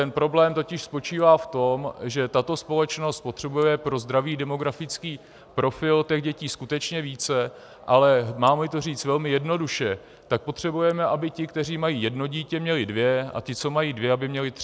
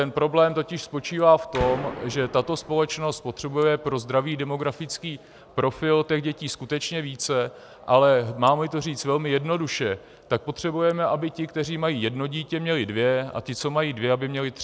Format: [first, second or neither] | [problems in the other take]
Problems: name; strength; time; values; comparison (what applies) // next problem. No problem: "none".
first | background sound (Gunshot, gunfire); 11 dB below the speech